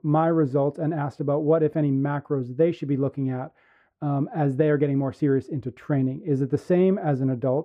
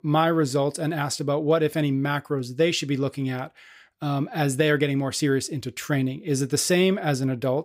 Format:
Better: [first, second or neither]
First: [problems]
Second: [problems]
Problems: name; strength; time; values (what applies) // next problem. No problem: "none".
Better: second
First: muffled; very; fading above 2.5 kHz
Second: none